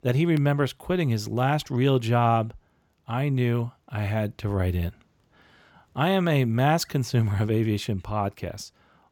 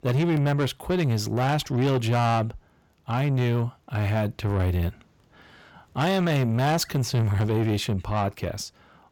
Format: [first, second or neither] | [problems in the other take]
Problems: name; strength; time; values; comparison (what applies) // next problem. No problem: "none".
first | distortion; slight; 10 dB below the speech